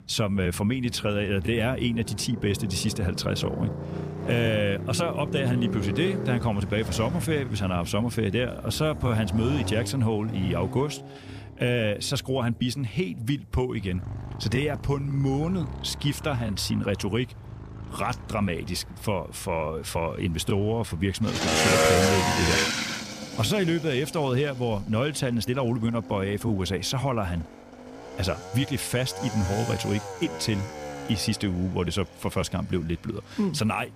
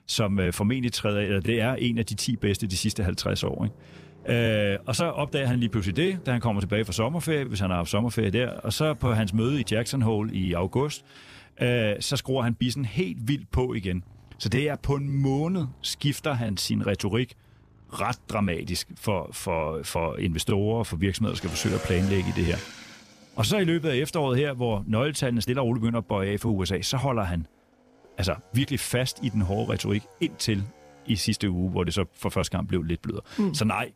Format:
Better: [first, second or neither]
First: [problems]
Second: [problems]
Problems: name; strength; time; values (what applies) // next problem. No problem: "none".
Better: second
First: traffic noise; loud; throughout; 4 dB below the speech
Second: traffic noise; faint; throughout; 20 dB below the speech